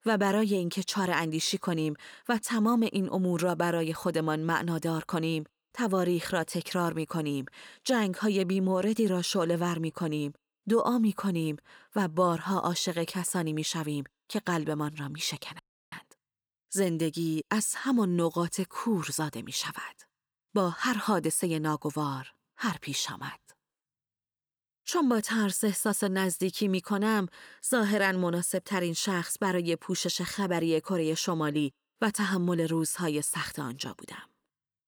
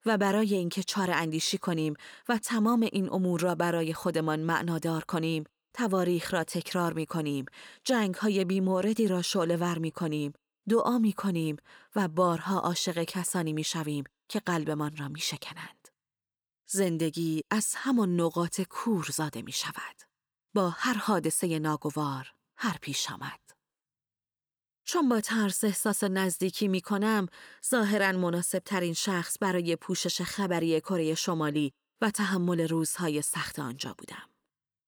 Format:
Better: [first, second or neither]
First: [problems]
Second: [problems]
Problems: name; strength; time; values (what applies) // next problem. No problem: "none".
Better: second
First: audio freezing; at 16 s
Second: none